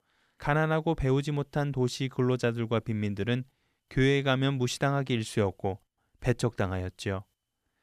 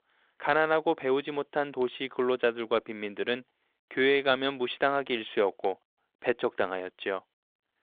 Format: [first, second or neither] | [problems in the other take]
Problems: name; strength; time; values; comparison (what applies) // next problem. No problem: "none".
first | phone-call audio